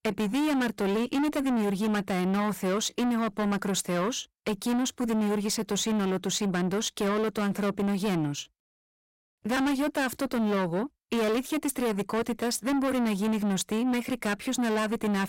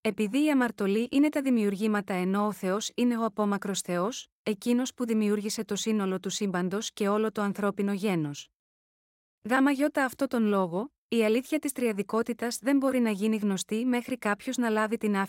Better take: second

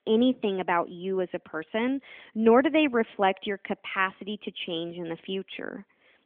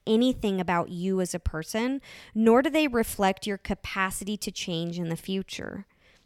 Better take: second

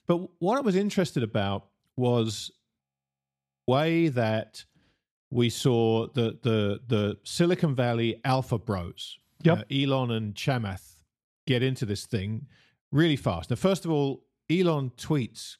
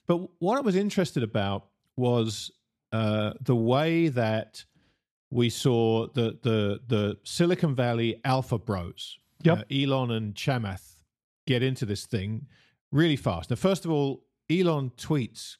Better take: second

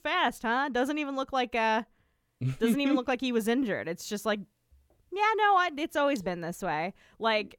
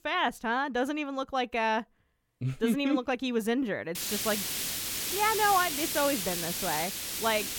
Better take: first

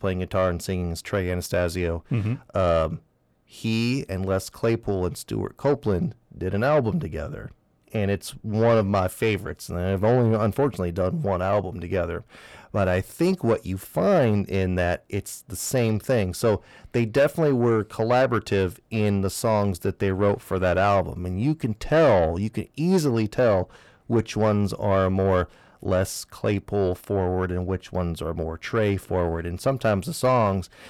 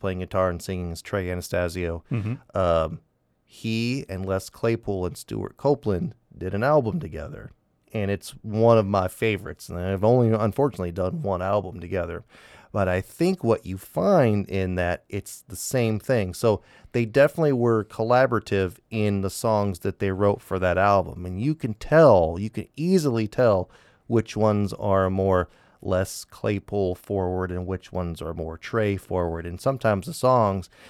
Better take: second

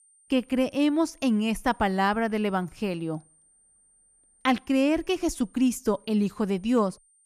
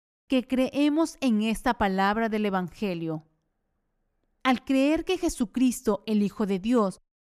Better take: second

